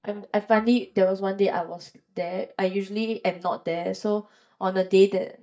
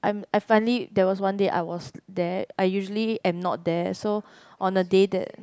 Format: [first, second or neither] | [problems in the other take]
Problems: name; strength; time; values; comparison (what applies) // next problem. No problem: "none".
second | noise reduction (neural mask model DeepFilterNet 3)